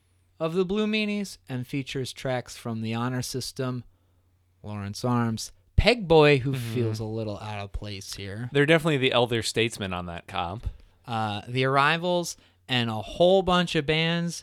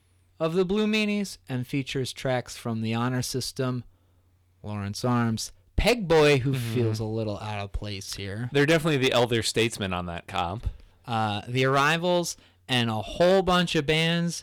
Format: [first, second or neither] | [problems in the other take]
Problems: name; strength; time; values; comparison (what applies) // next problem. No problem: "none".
first | distortion; slight; 4% of the sound clipped